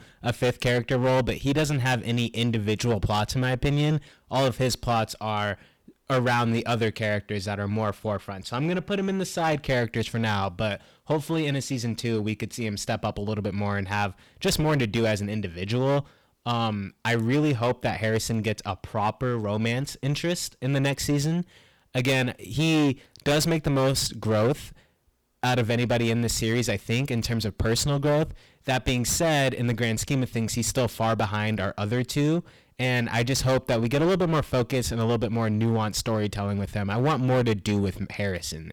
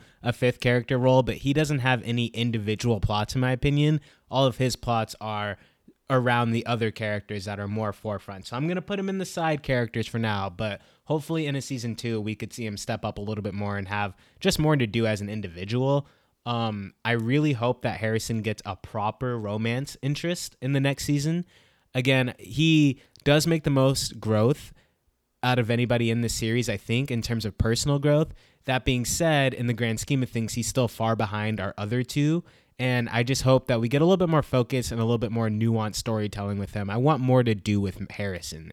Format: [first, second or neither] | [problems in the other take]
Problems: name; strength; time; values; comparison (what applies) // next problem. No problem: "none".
second | distortion; heavy; 13% of the sound clipped